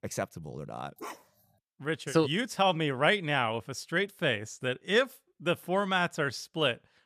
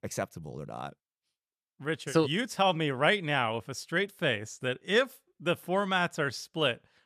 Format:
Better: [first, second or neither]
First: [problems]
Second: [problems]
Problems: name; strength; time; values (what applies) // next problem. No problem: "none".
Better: second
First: dog barking; faint; at 1 s; peak 15 dB below the speech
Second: none